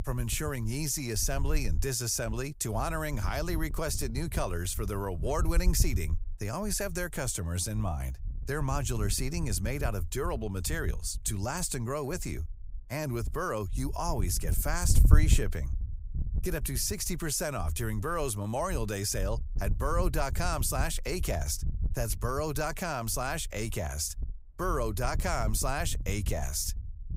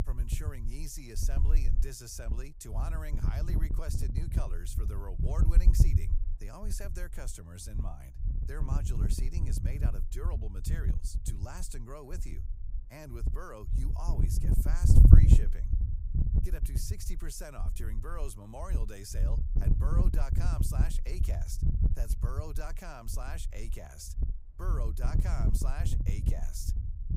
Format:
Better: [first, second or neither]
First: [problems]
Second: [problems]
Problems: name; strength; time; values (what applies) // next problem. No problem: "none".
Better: first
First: wind noise on the microphone; occasional gusts; 20 dB below the speech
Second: wind noise on the microphone; heavy; as loud as the speech